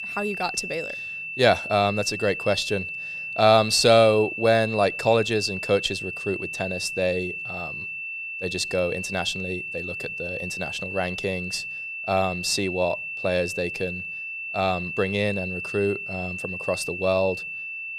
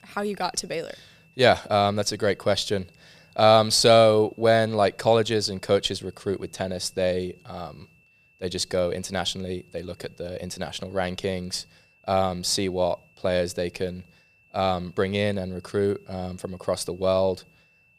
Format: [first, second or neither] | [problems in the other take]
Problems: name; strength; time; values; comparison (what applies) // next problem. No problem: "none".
second | high-pitched whine; loud; throughout; 2.5 kHz, 6 dB below the speech; faint in the second